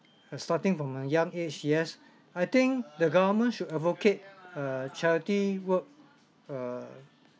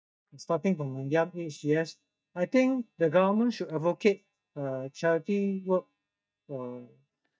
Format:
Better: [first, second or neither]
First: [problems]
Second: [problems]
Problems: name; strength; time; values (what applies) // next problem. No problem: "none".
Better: first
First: none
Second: noise reduction (neural mask model DeepFilterNet 3)